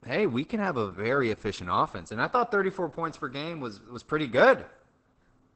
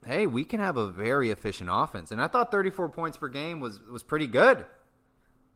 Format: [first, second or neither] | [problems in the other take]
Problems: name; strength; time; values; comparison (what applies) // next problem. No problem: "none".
second | garbled, watery; badly; nothing above 8 kHz; slightly in the second